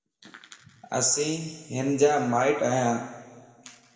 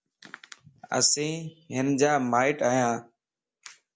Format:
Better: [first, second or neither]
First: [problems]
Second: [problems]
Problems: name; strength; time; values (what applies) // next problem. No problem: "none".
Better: second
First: room echo; dies away in 1.8 s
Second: none